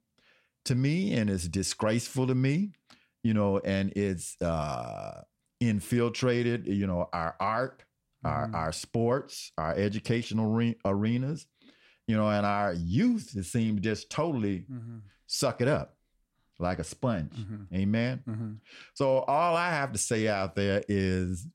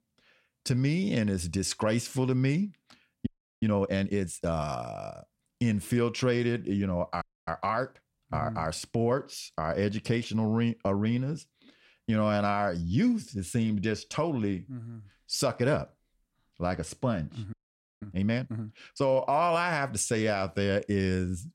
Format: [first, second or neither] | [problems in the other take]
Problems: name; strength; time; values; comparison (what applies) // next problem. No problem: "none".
first | audio freezing; at 3.5 s, at 7 s and at 18 s